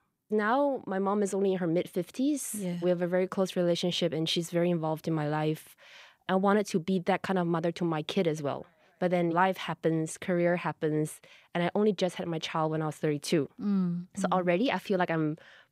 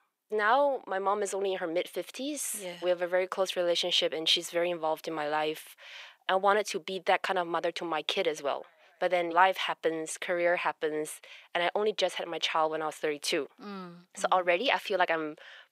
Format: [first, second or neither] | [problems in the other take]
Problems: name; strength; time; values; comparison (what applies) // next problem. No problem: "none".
first | thin; very; fading below 600 Hz